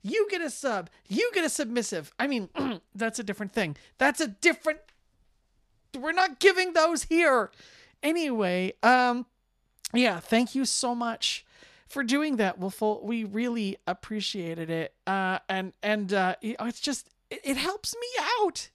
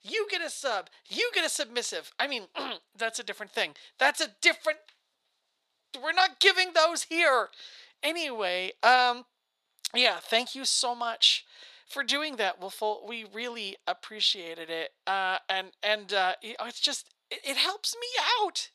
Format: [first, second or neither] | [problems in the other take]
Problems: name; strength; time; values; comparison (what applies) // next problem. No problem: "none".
first | thin; very; fading below 650 Hz